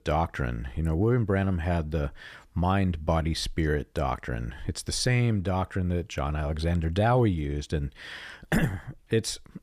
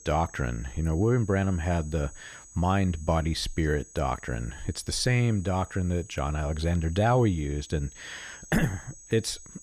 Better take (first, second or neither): first